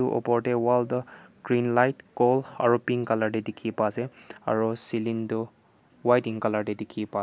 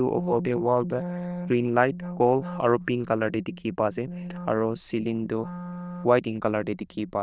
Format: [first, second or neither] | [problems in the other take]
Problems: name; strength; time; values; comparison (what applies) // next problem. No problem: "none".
first | noise reduction (neural diffusion model UNIVERSE++)